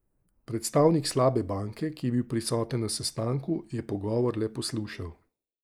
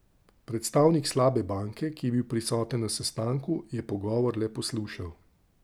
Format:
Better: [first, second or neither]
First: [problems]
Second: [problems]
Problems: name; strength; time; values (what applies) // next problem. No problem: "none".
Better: second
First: noise reduction (neural mask model Resemble Enhance denoiser)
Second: none